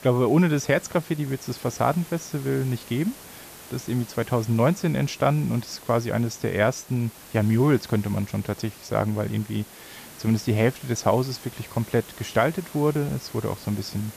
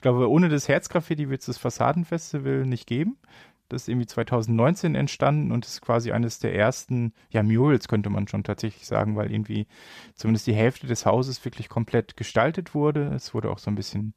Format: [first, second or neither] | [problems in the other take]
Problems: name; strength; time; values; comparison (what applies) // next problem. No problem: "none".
second | hiss; noticeable; throughout; 20 dB below the speech